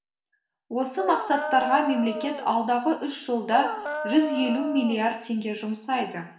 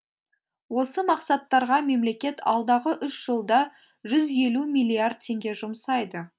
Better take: second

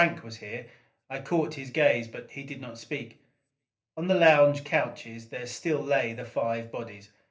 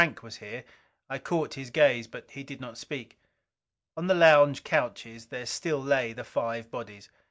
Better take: second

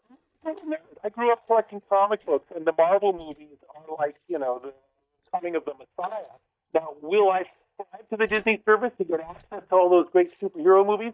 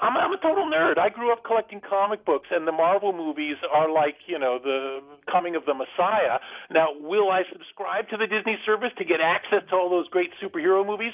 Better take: second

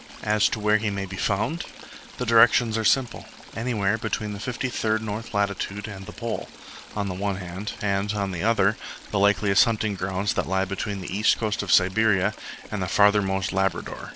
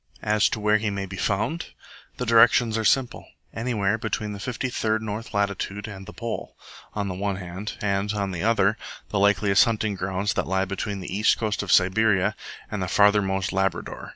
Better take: second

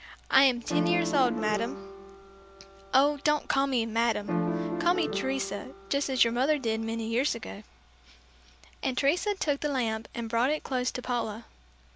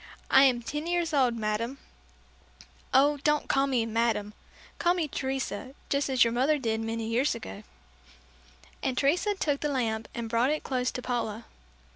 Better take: second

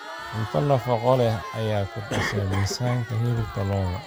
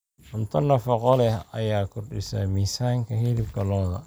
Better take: second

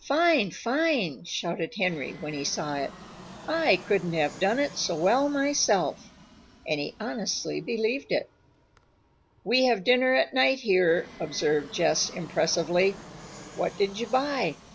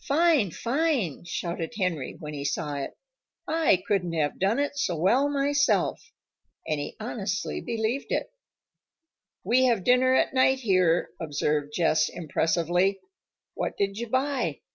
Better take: second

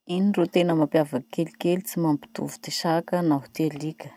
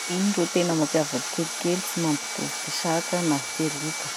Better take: first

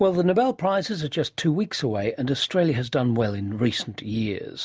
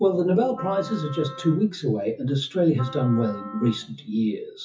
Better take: first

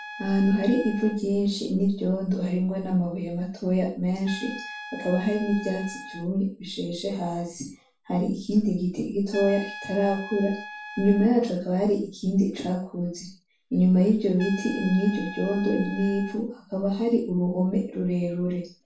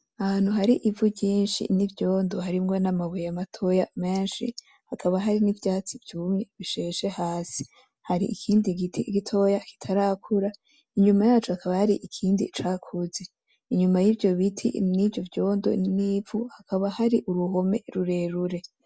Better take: second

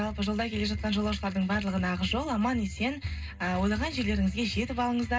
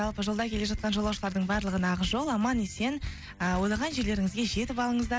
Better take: second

